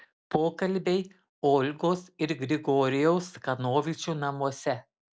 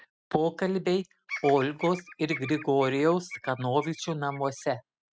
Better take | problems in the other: first | noise reduction (classical method spectral subtraction)

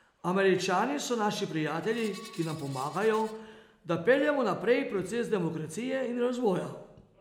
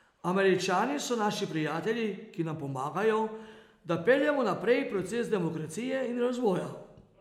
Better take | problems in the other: second | background sound (Screech); 19 dB below the speech

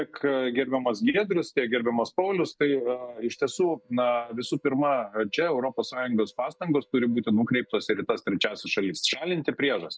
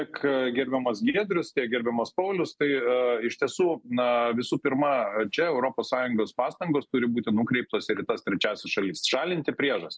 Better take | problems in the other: second | noise reduction (neural mask model DeepFilterNet 3)

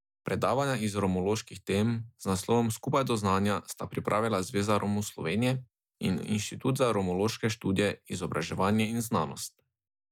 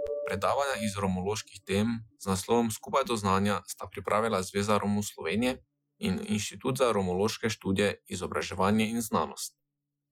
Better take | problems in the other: first | noise reduction (classical method Wiener filter)

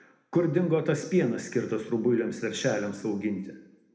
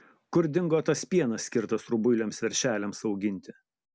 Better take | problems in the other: second | room echo; dies away in 0.8 s

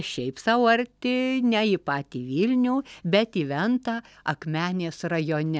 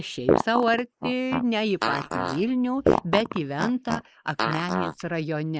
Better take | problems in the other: first | noise reduction (neural mask model Resemble Enhance denoiser)

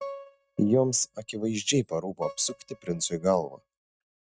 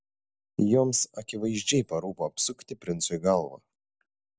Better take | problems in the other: second | noise reduction (neural mask model RNNoise)

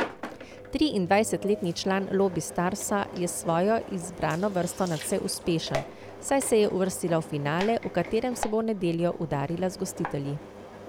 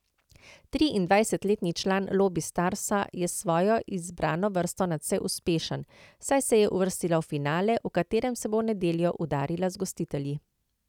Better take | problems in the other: second | background sound (Engine); 12 dB below the speech

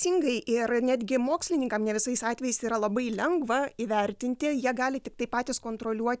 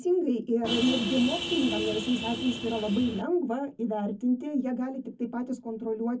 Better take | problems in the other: first | background sound (Vehicle horn, car horn, honking); 5 dB below the speech // room echo; dies away in 0.3 s

